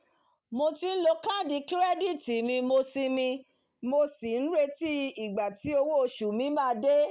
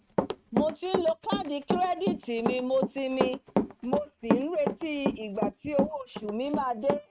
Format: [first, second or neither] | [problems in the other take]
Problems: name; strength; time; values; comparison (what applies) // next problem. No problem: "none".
first | noise reduction (neural mask model RNNoise)